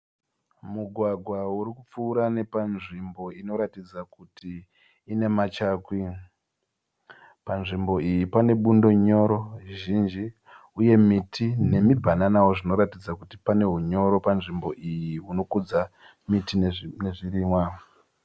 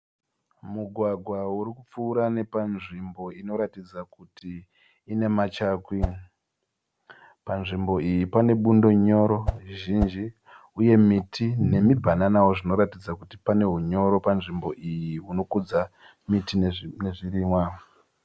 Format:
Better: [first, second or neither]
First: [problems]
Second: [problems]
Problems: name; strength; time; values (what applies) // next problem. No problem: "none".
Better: first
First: none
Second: background sound (Whoosh, swoosh, swish); 4 dB below the speech